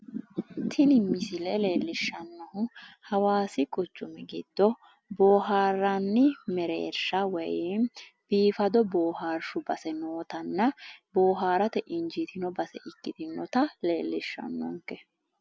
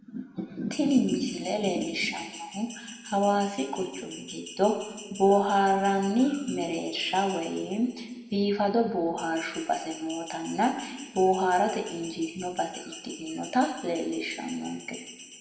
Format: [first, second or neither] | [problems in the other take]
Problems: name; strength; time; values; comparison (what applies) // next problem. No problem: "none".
first | background sound (Bell); 17 dB below the speech // room echo; dies away in 1.2 s